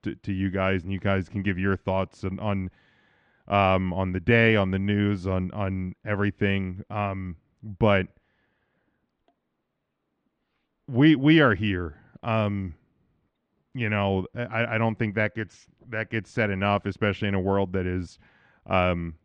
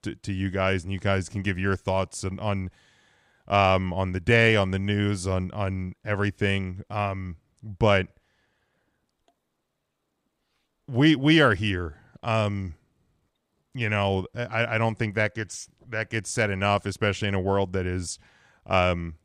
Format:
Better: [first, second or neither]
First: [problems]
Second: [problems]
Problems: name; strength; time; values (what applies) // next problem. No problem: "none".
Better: second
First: muffled; slightly; fading above 2.5 kHz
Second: none